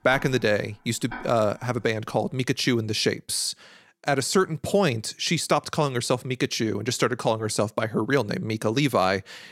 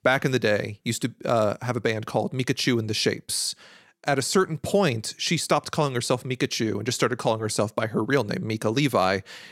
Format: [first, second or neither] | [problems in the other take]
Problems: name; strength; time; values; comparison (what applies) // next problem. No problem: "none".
second | household noises; noticeable; until 2 s; 15 dB below the speech